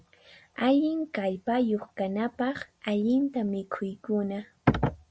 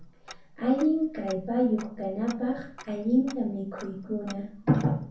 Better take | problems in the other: first | background sound (Tick-tock); 20 dB below the speech // room echo; dies away in 0.5 s

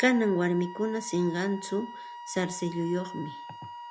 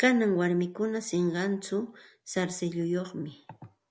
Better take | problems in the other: second | background sound (Wind instrument, woodwind instrument); 13 dB below the speech

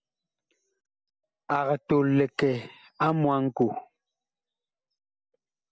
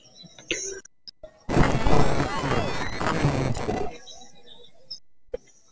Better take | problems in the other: first | noise reduction (neural separator model SepFormer DNS4)

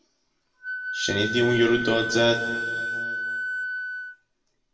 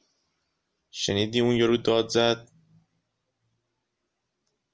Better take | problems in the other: second | background sound (Wind instrument, woodwind instrument); 4 dB below the speech // room echo; dies away in 2.1 s

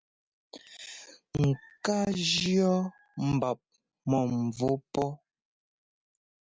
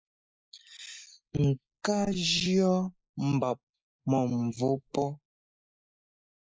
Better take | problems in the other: first | noise reduction (neural mask model Resemble Enhance denoiser)

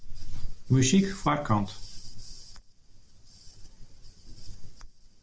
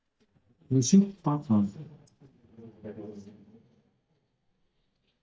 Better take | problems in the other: first | noise reduction (neural mask model DeepFilterNet 3)

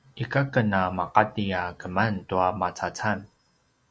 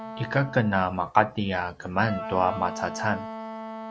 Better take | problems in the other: first | background sound (Wind instrument, woodwind instrument); 11 dB below the speech

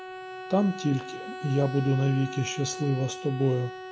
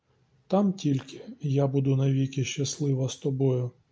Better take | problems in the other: second | background sound (Bowed string instrument); 11 dB below the speech

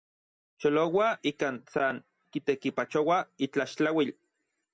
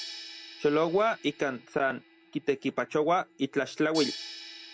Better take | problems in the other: first | background sound (Crash cymbal); 15 dB below the speech

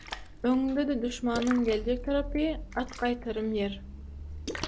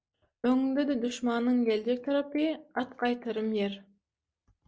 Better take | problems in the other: second | background sound (Splash, splatter); 10 dB below the speech

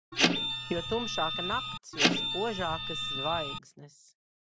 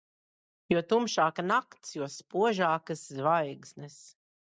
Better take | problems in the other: second | background sound (Printer); 5 dB above the speech

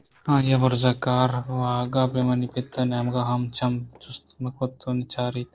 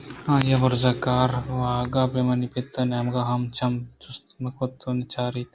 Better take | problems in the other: second | noise reduction (neural separator model SepFormer DNS4)

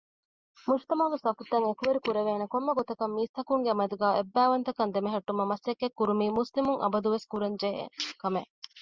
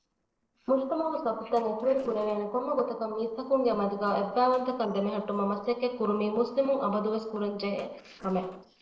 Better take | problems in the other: first | noise reduction (neural separator model SepFormer DNS4)

